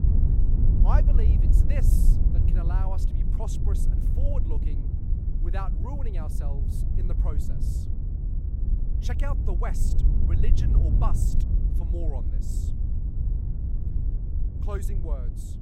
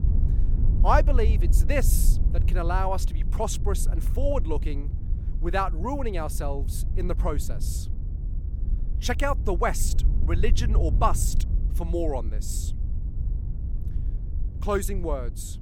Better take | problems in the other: second | wind noise on the microphone; heavy; 3 dB below the speech; occasional gusts in the second

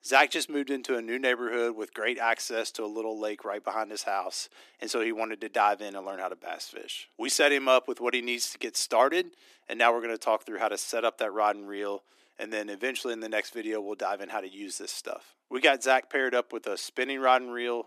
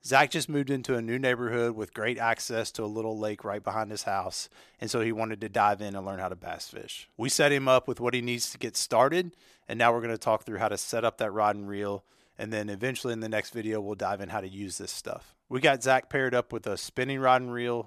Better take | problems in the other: second | thin; very slightly; fading below 250 Hz

